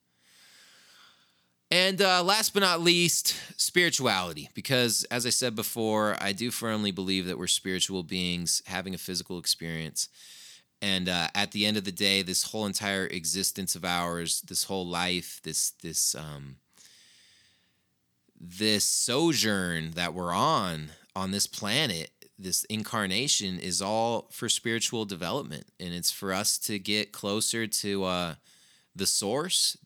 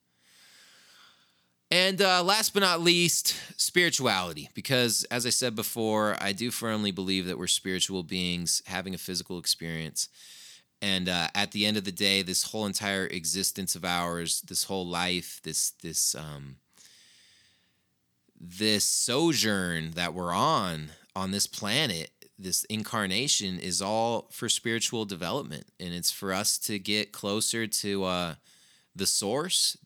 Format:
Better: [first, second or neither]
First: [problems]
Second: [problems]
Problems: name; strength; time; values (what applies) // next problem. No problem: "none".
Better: neither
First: none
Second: none